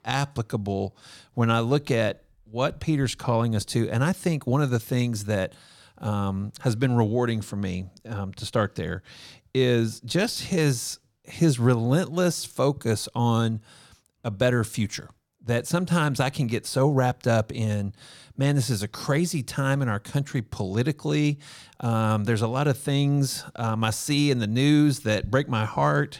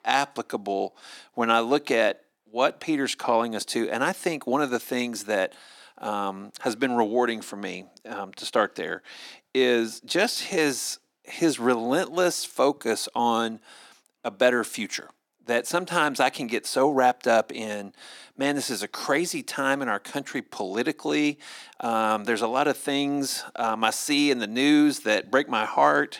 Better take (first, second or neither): first